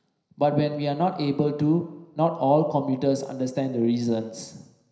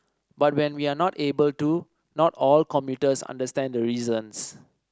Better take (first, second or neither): second